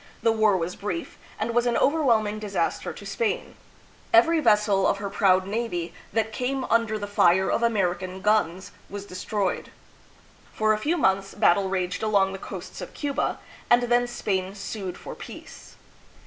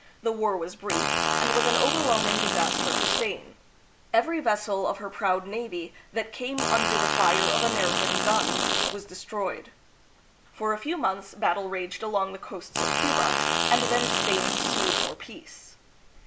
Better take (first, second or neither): first